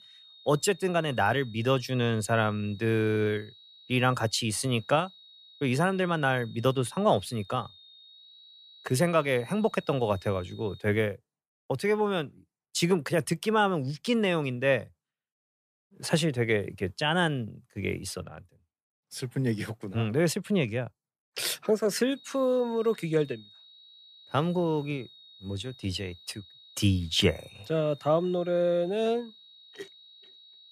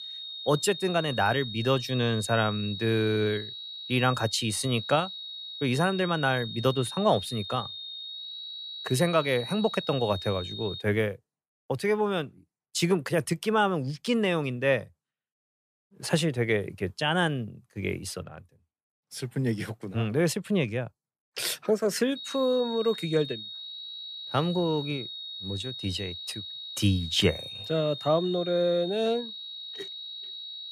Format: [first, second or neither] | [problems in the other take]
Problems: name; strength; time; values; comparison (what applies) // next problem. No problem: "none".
first | high-pitched whine; loud; until 11 s and from 22 s on; 3.5 kHz, 9 dB below the speech; faint in the first